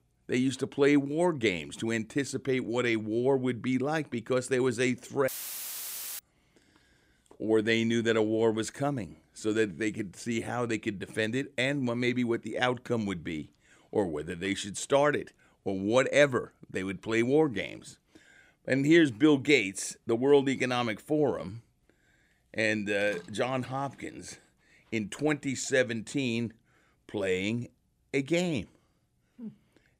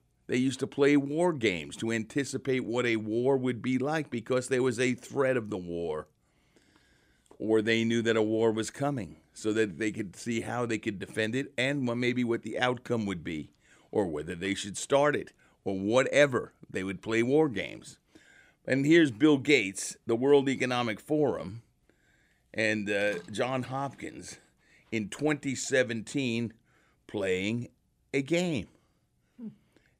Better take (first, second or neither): second